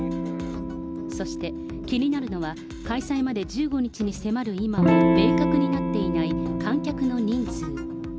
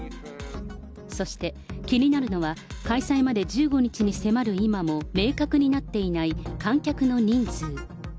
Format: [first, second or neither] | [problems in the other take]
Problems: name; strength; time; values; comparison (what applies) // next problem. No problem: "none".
second | background sound (Electric guitar / Strum); 1 dB above the speech